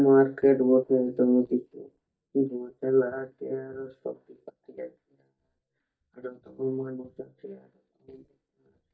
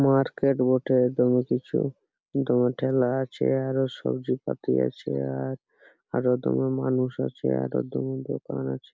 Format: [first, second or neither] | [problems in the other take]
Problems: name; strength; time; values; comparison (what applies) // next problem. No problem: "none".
second | noise reduction (neural mask model DeepFilterNet 3)